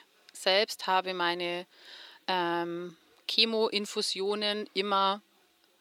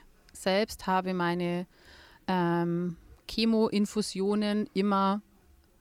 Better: second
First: thin; somewhat; fading below 450 Hz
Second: none

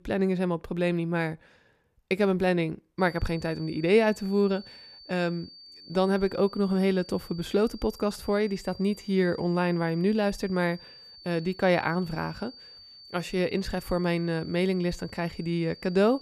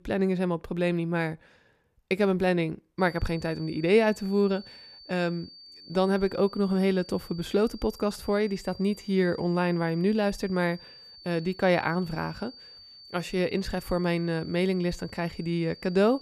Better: neither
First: high-pitched whine; noticeable; from 3 s on; 4.5 kHz, 20 dB below the speech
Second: high-pitched whine; noticeable; from 3 s on; 4.5 kHz, 20 dB below the speech

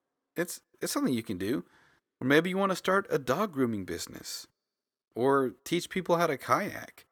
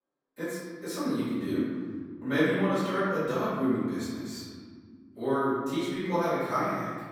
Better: first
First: none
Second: off-mic speech; far // room echo; strong; dies away in 2 s

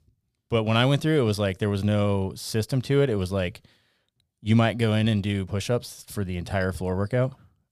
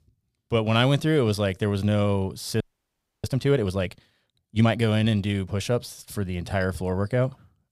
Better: first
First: none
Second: audio freezing; at 2.5 s for 0.5 s

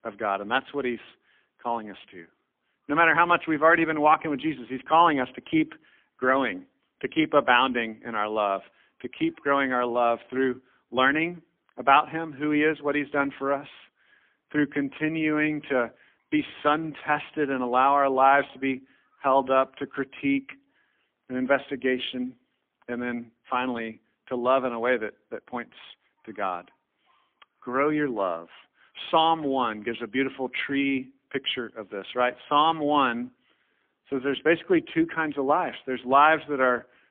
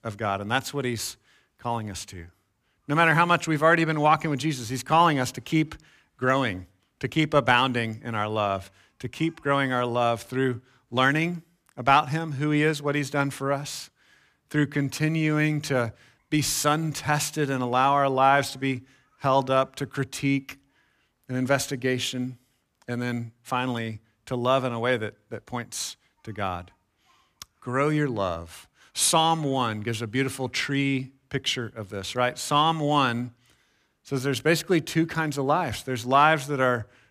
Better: second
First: phone-call audio; poor line; nothing above 3.5 kHz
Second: none

